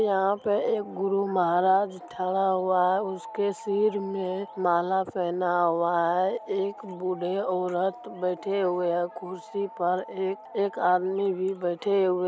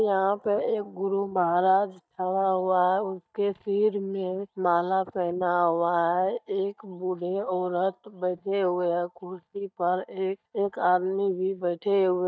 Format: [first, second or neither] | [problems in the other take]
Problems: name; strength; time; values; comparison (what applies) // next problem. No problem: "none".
first | noise reduction (neural mask model DeepFilterNet 3)